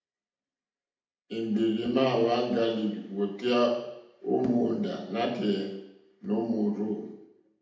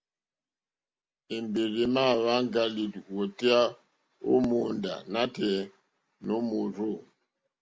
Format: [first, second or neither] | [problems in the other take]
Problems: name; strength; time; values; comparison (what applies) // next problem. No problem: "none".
second | room echo; dies away in 0.8 s